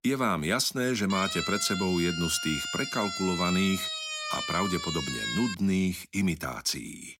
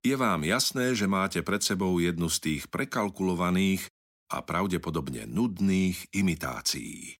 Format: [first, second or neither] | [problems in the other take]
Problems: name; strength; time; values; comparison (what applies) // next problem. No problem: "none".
second | siren; noticeable; from 1 to 5.5 s; peak 2 dB below the speech